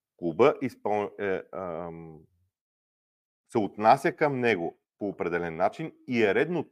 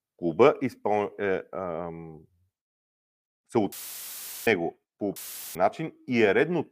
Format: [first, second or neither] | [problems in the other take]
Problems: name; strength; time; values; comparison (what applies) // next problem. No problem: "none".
first | audio cutting out; filled with static; at 3.5 s for 0.5 s and at 5 s